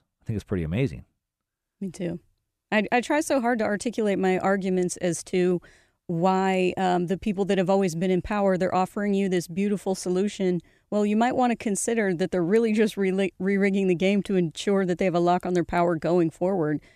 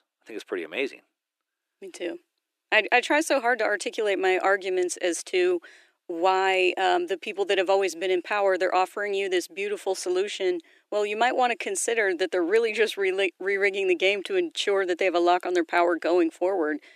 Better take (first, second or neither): first